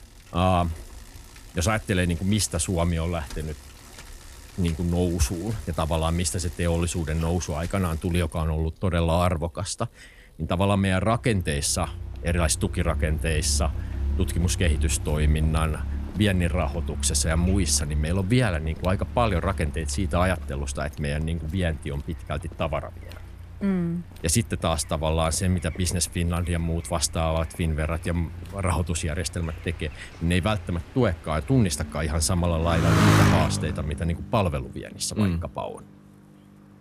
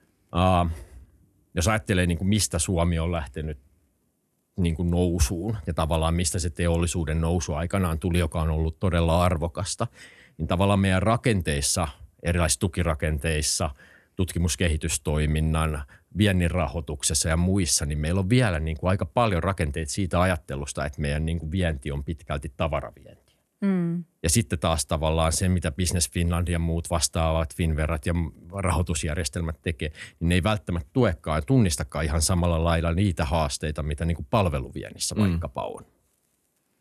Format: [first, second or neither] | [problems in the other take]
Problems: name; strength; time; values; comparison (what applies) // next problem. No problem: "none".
second | traffic noise; loud; throughout; 6 dB below the speech